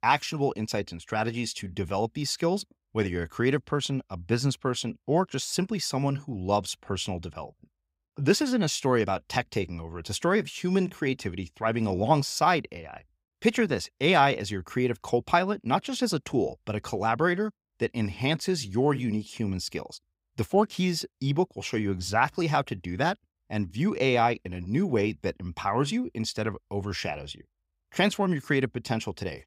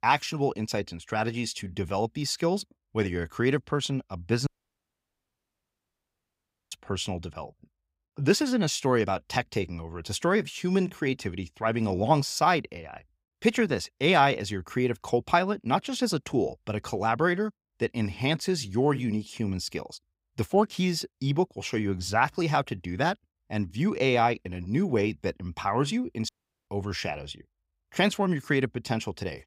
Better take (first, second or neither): first